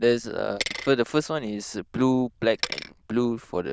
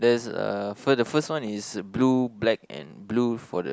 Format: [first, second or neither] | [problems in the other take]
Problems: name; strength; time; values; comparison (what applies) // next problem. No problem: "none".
second | noise reduction (neural diffusion model UNIVERSE++)